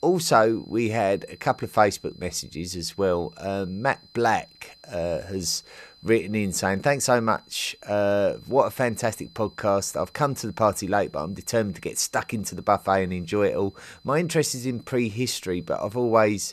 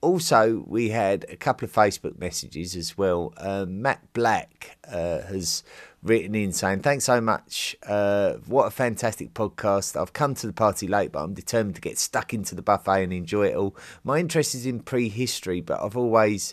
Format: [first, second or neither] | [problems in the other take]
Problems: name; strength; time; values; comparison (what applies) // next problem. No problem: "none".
second | high-pitched whine; faint; throughout; 4 kHz, 30 dB below the speech